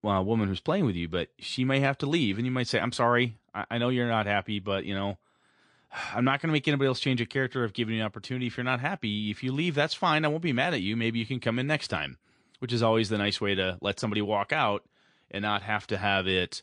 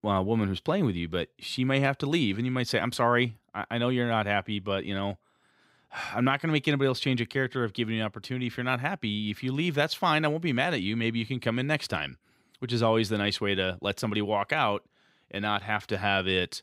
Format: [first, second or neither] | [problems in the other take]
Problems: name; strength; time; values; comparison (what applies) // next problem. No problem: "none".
second | garbled, watery; slightly